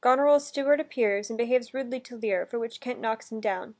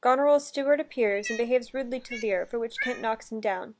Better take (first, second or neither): first